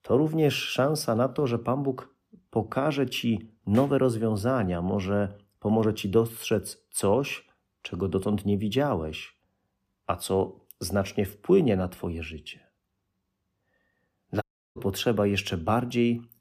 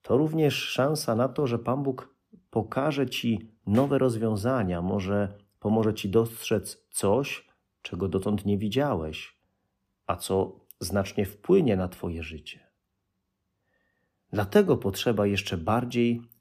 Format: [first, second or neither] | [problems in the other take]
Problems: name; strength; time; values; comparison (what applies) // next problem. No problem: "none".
second | audio cutting out; at 14 s